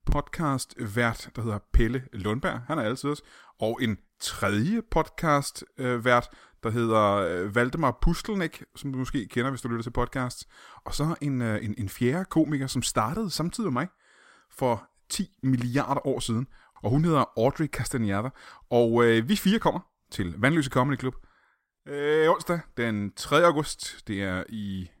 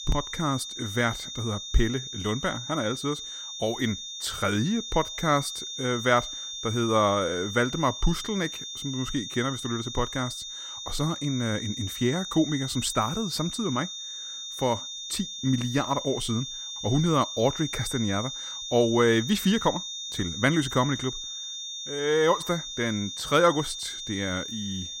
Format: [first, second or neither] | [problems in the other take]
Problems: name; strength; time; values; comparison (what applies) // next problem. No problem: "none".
first | high-pitched whine; loud; throughout; 3.5 kHz, 6 dB below the speech